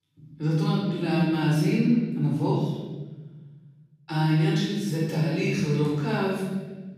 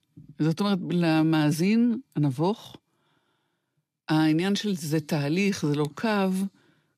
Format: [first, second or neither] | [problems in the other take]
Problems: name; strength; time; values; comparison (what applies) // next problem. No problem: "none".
second | off-mic speech; far // room echo; strong; dies away in 1.5 s